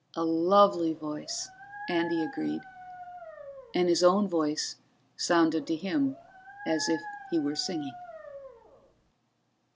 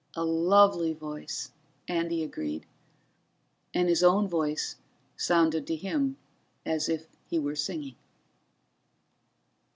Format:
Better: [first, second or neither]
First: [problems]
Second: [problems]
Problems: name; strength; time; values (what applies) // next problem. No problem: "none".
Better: second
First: background sound (Dog); 15 dB below the speech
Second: none